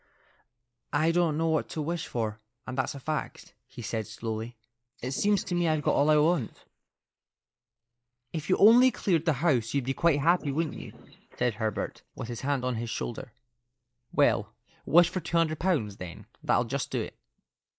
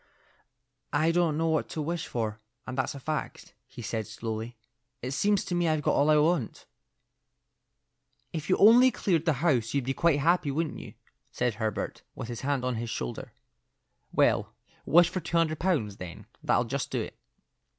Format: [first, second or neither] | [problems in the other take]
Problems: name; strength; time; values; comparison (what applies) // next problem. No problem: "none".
second | noise reduction (neural mask model Resemble Enhance denoiser)